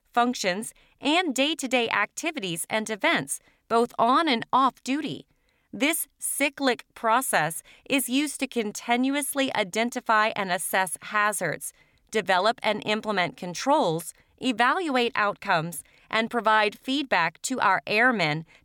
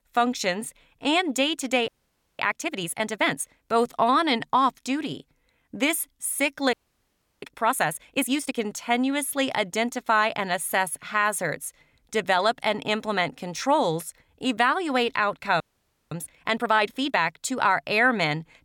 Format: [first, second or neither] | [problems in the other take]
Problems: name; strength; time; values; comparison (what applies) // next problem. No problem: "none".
first | audio freezing; at 2 s for 0.5 s, at 6.5 s for 0.5 s and at 16 s for 0.5 s